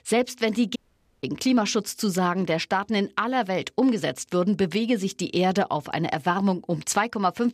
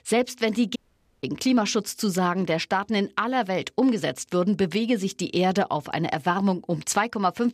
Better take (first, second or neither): neither